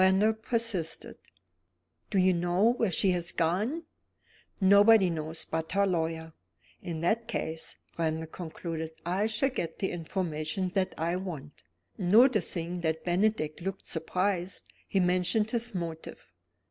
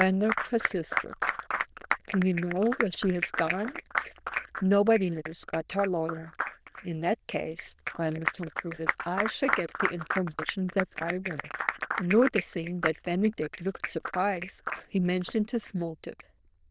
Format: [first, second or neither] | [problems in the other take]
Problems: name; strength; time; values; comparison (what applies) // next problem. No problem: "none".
first | noise reduction (neural diffusion model UNIVERSE++)